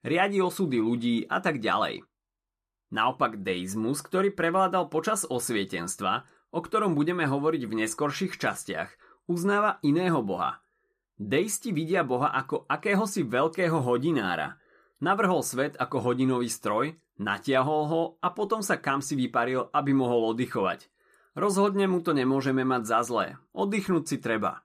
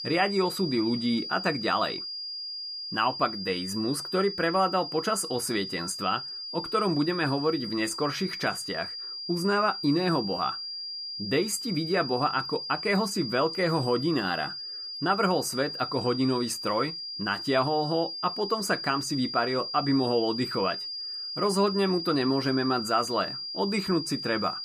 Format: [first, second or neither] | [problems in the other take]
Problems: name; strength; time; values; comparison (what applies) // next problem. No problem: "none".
first | high-pitched whine; loud; throughout; 5 kHz, 6 dB below the speech